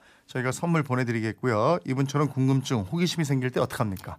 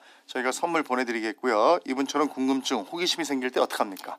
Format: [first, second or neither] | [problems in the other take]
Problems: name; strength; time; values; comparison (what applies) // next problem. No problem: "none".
first | thin; somewhat; fading below 250 Hz